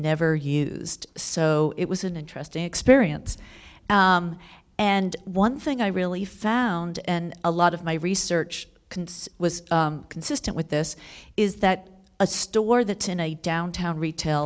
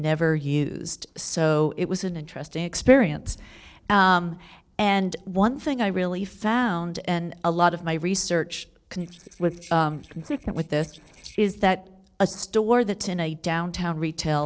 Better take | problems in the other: first | noise reduction (neural separator model SepFormer DNS4)

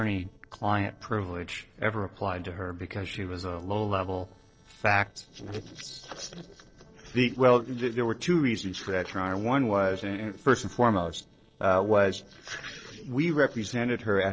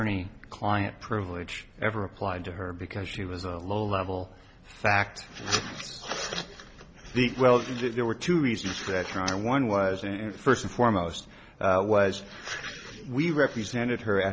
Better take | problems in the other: second | noise reduction (neural separator model SepFormer DNS4)

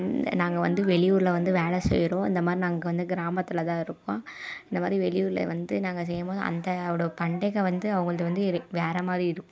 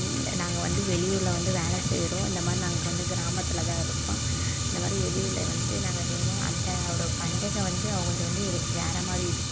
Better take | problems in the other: first | background sound (Fire); 5 dB above the speech

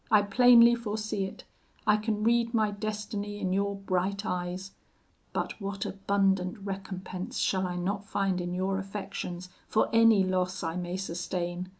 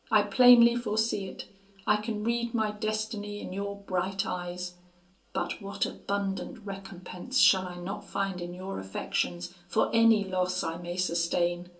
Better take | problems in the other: first | room echo; dies away in 0.2 s

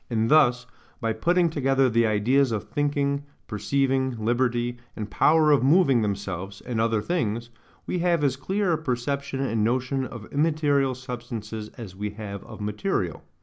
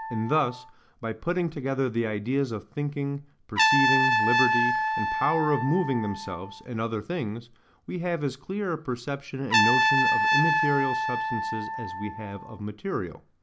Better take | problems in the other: first | background sound (Trumpet); 1 dB above the speech

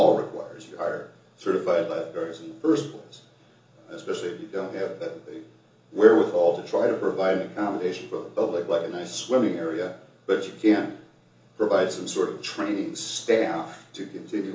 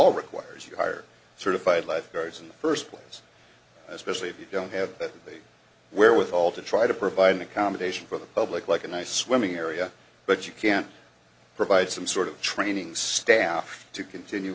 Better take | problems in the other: second | room echo; dies away in 0.7 s

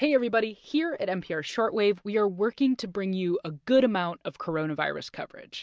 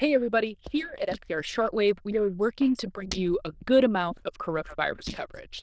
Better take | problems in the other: first | noise reduction (neural diffusion model UNIVERSE++)

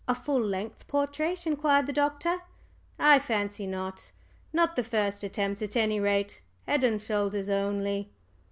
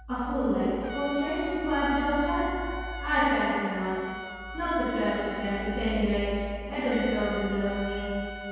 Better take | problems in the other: first | background sound (Trumpet); 13 dB below the speech // room echo; dies away in 2.1 s

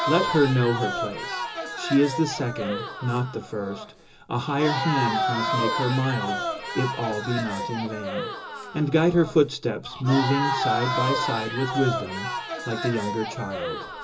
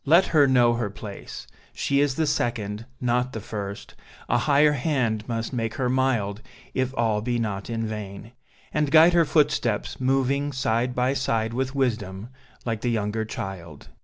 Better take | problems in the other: second | background sound (Crowd); 4 dB below the speech // room echo; dies away in 0.2 s

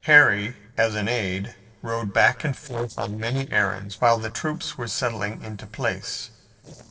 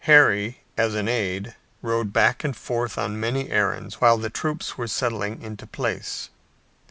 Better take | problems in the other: second | noise reduction (neural separator model SepFormer DNS4)

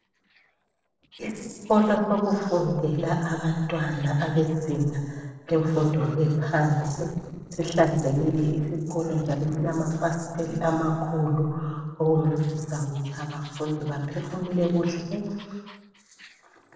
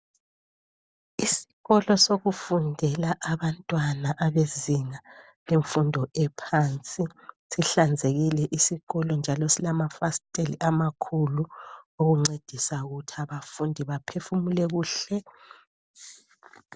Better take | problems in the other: second | noise reduction (neural separator model SepFormer DNS4)

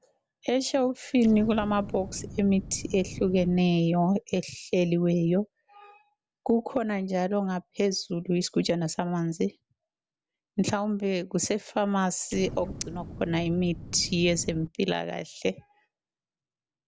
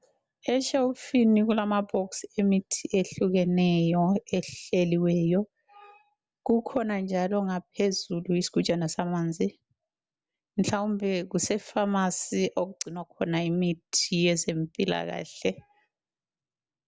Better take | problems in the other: second | background sound (Explosion); 13 dB below the speech

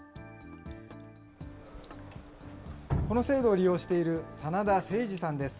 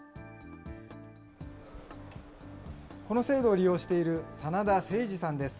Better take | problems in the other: second | background sound (Drip); 11 dB below the speech

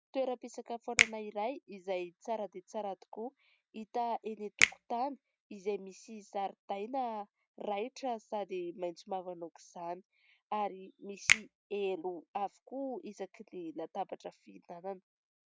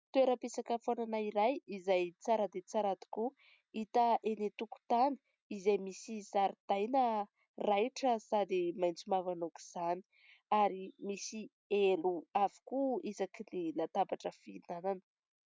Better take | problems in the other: second | background sound (Finger snapping); 3 dB above the speech

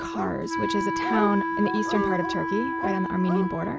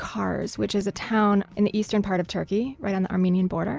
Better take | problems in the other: second | background sound (Dog + Wind instrument, woodwind instrument); 1 dB below the speech

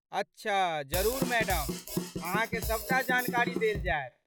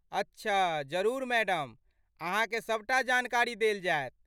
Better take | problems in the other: second | noise reduction (classical method log-MMSE)

